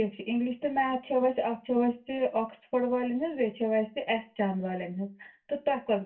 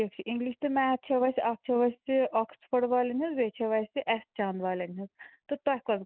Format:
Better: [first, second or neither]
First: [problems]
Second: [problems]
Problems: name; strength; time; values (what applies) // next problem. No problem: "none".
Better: second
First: room echo; dies away in 0.2 s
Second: none